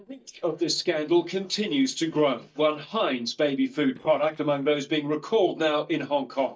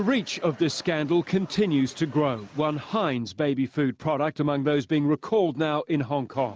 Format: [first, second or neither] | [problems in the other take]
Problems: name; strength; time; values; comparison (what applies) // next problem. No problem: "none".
second | noise reduction (neural mask model DeepFilterNet 3)